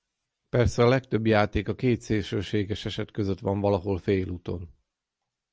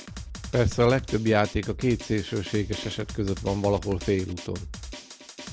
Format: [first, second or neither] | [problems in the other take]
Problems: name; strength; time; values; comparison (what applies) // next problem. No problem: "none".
first | background sound (Drum); 12 dB below the speech